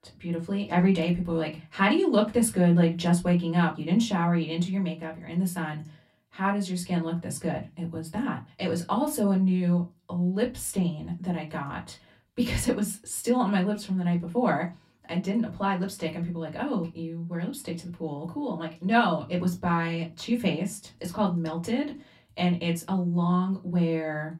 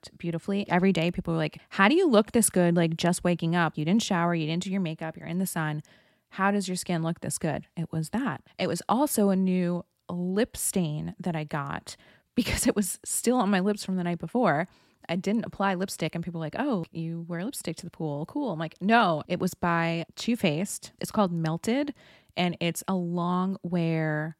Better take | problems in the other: second | off-mic speech; far // room echo; very slight; dies away in 0.2 s

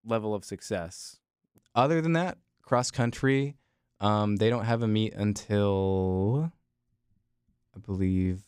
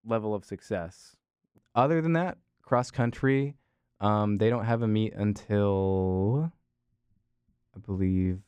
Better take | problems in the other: first | muffled; slightly; fading above 3 kHz

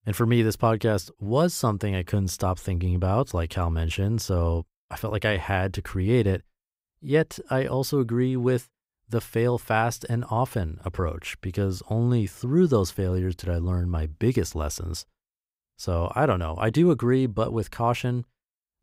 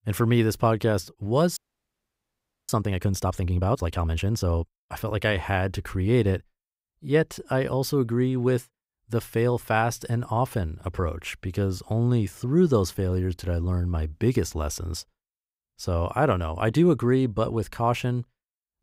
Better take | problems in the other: first | audio freezing; at 1.5 s for 1 s

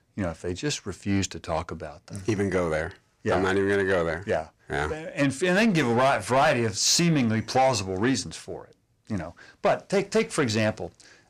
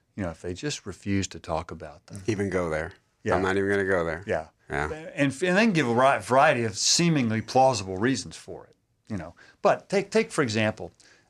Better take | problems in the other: second | distortion; slight; 10 dB below the speech

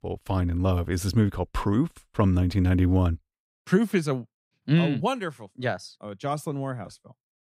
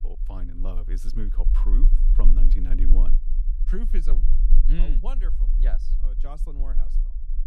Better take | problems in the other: first | low rumble; loud; throughout; 8 dB below the speech

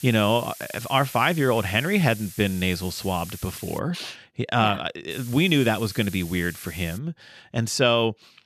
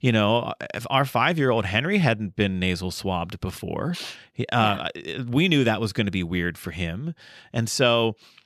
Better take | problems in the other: second | hiss; noticeable; until 4 s and from 5 to 7 s; 15 dB below the speech

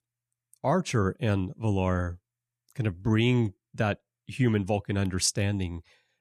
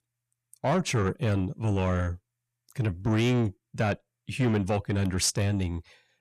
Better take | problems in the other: first | distortion; slight; 10 dB below the speech

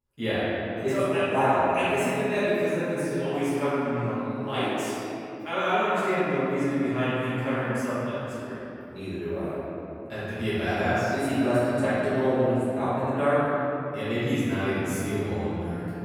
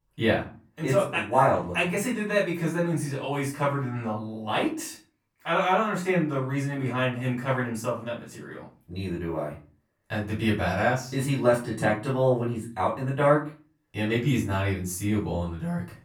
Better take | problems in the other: second | room echo; strong; dies away in 2.7 s; slight in the second // off-mic speech; far; far in the second

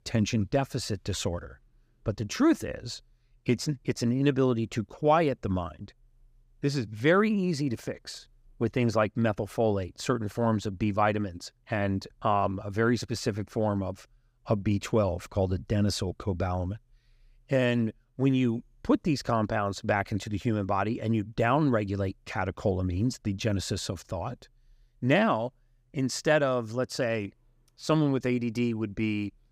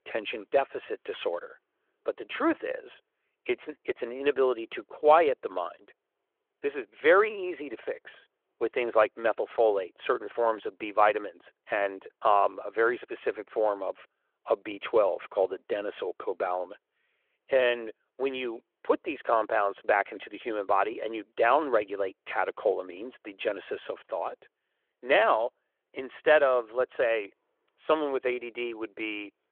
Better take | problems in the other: first | phone-call audio

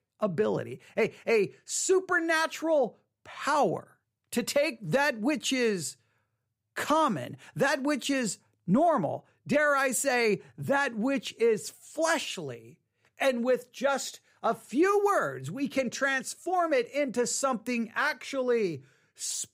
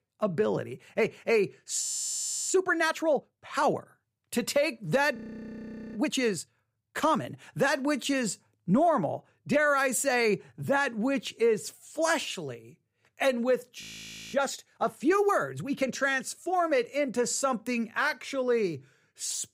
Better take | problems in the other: first | audio freezing; at 2 s for 0.5 s, at 5 s for 1 s and at 14 s for 0.5 s

